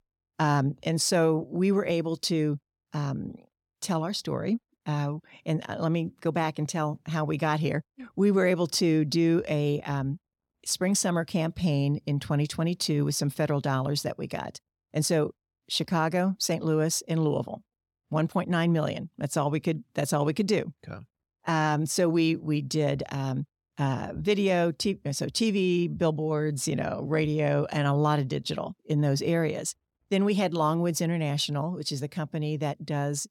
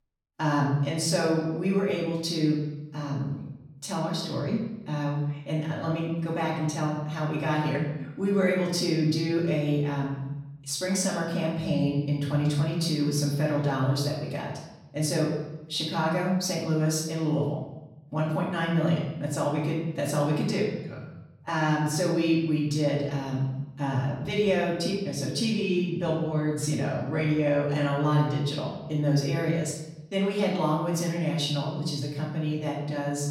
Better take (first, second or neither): first